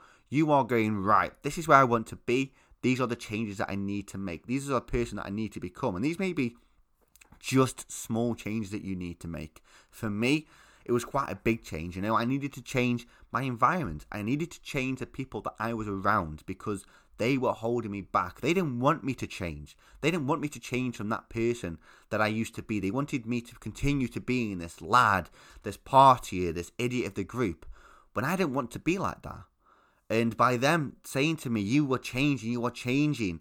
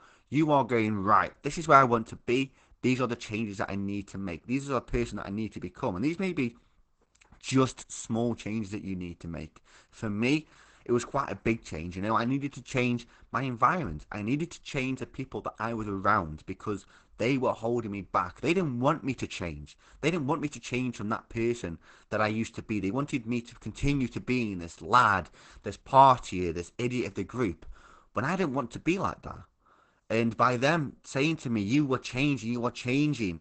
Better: first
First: none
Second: garbled, watery; badly; nothing above 8 kHz

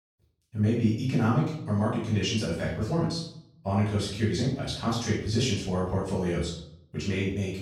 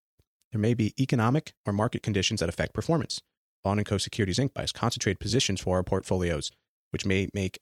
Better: second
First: room echo; noticeable; dies away in 0.6 s // off-mic speech; far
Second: none

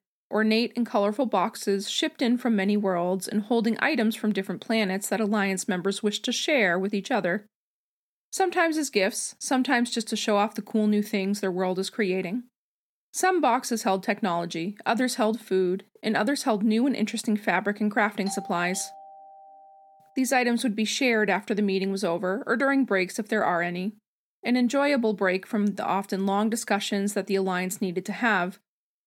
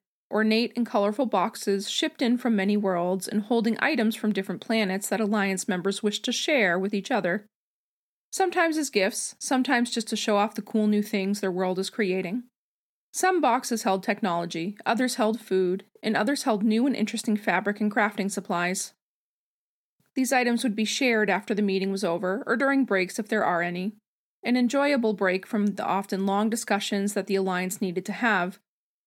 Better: second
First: doorbell; faint; from 18 to 20 s; peak 15 dB below the speech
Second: none

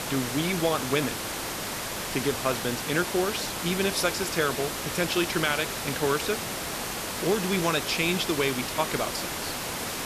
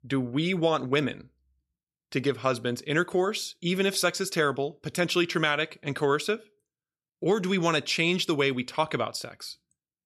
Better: second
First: hiss; loud; throughout; 3 dB below the speech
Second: none

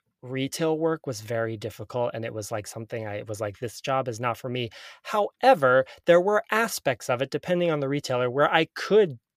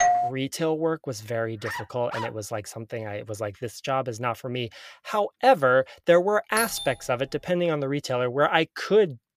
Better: first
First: none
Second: doorbell; loud; at the start; peak 4 dB above the speech // dog barking; noticeable; at 1.5 s; peak 9 dB below the speech // doorbell; noticeable; at 6.5 s; peak 5 dB below the speech

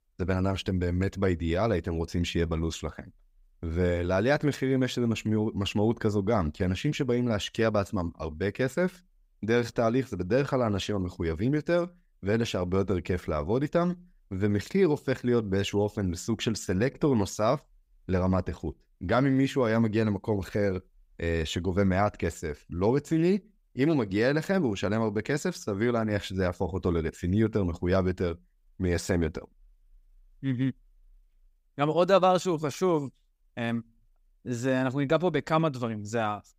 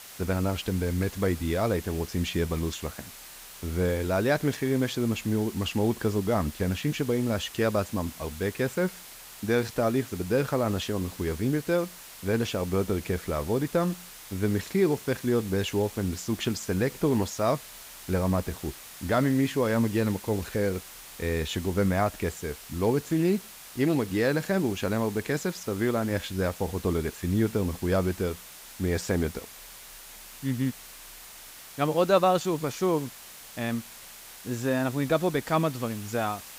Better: first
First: none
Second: hiss; noticeable; throughout; 15 dB below the speech

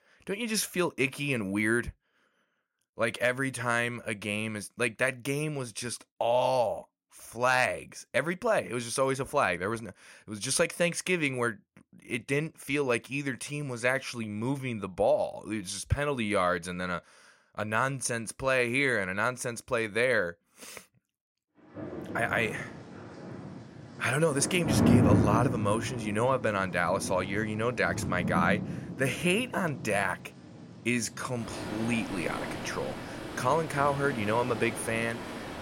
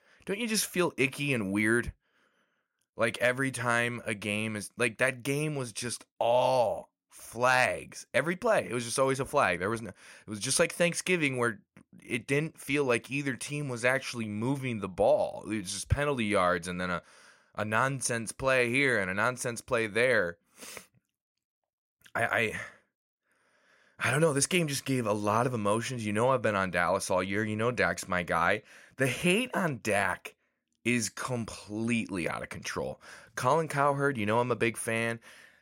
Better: second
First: rain or running water; loud; from 22 s on; 4 dB below the speech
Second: none

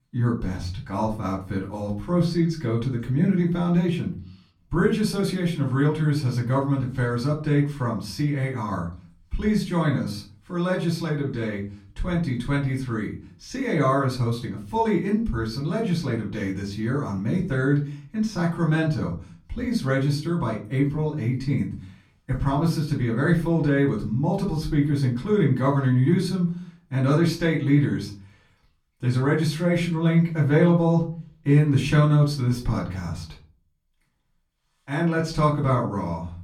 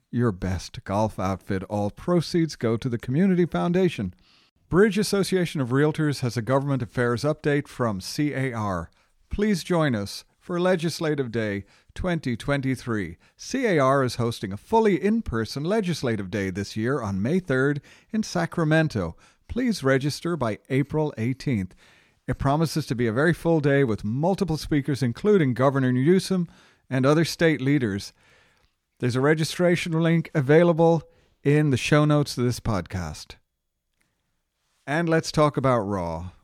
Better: second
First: room echo; slight; dies away in 0.4 s // off-mic speech; far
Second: none

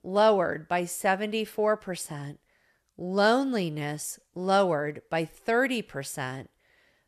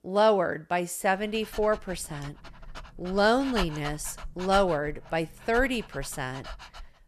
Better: first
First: none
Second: dog barking; noticeable; from 1.5 s on; peak 6 dB below the speech

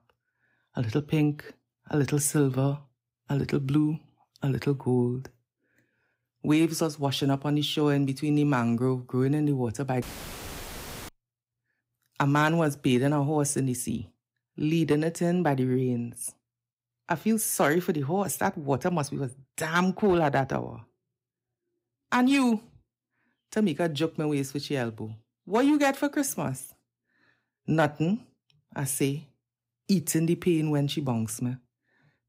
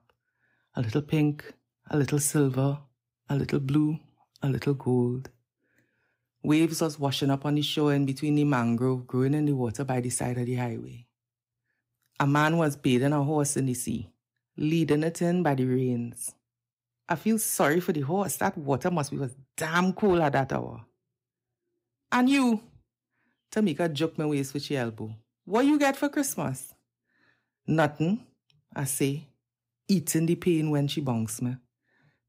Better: second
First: audio cutting out; filled with static; at 10 s for 1 s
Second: none

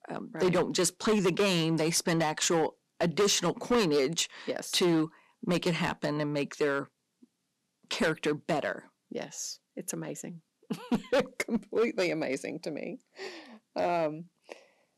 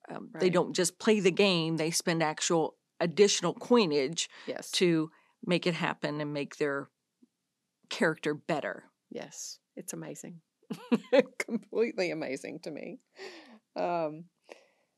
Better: second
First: distortion; heavy; 6% of the sound clipped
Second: none

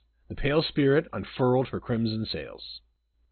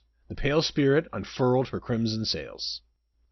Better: second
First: garbled, watery; badly; nothing above 4 kHz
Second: garbled, watery; slightly; nothing above 6 kHz

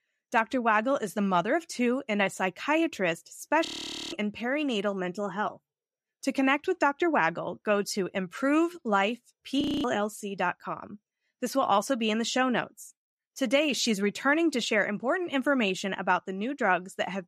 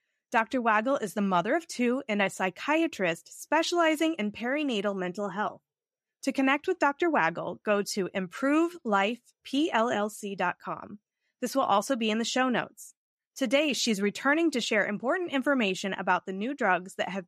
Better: second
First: audio freezing; at 3.5 s and at 9.5 s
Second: none

